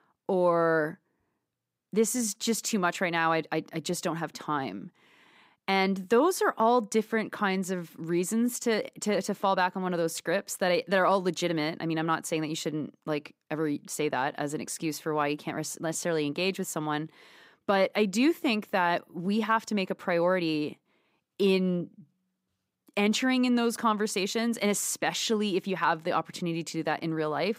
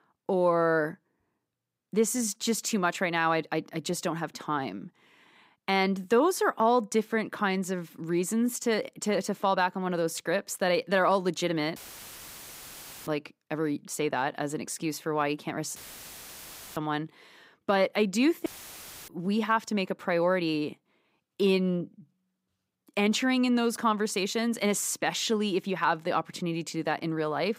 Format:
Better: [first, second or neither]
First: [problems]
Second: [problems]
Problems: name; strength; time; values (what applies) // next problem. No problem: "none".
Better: first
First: none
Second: audio cutting out; filled with static; at 12 s for 1.5 s, at 16 s for 1 s and at 18 s for 0.5 s